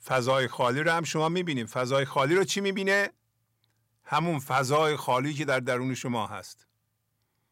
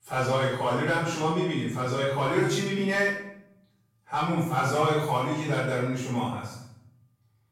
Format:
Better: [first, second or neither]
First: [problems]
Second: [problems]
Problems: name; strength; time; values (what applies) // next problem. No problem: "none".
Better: first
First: none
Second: off-mic speech; far // room echo; strong; dies away in 0.8 s